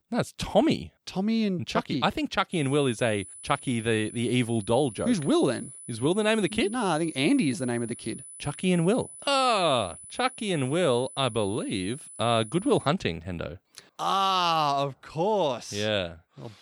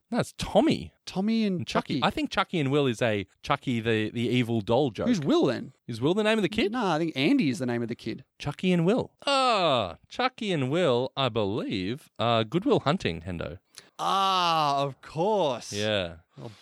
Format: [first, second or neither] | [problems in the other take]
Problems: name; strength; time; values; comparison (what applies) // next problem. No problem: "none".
second | high-pitched whine; noticeable; from 2.5 to 13 s; 10 kHz, 15 dB below the speech